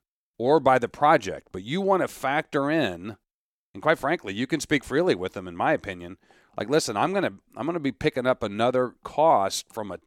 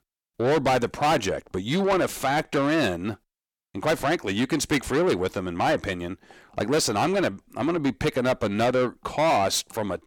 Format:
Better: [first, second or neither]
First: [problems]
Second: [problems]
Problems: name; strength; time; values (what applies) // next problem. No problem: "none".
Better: first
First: none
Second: distortion; heavy; 6 dB below the speech